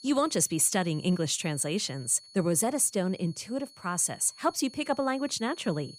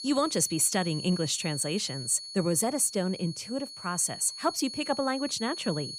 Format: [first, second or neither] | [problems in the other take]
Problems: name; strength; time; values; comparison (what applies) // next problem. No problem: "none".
first | high-pitched whine; loud; throughout; 4.5 kHz, 10 dB below the speech; faint in the first